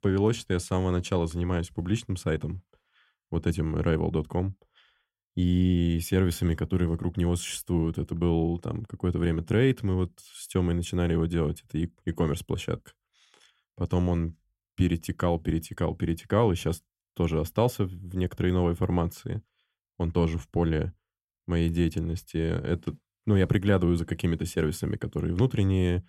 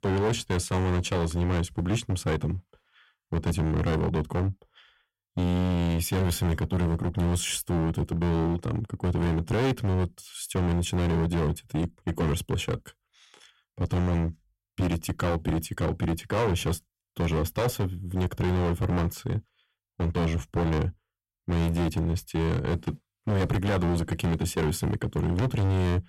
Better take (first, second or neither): first